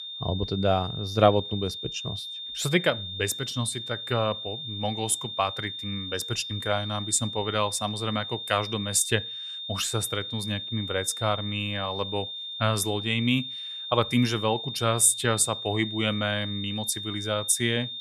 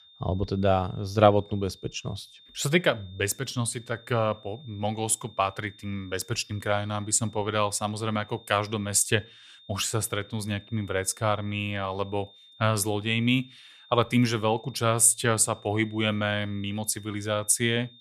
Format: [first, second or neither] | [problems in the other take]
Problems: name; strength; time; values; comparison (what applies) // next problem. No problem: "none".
second | high-pitched whine; loud; throughout; 3.5 kHz, 7 dB below the speech; faint in the second